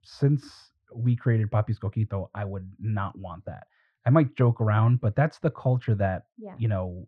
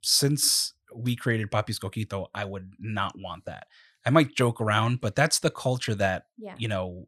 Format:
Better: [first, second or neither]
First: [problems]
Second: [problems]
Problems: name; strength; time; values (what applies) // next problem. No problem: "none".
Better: second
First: muffled; very; fading above 1.5 kHz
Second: none